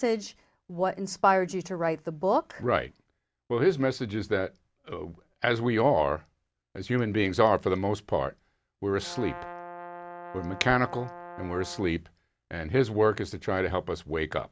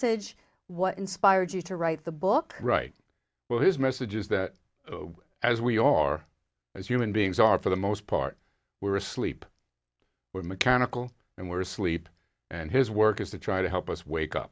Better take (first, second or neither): second